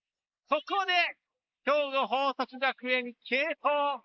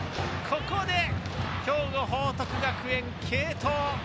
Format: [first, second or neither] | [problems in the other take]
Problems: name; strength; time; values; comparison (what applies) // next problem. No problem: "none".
second | noise reduction (neural mask model Resemble Enhance denoiser)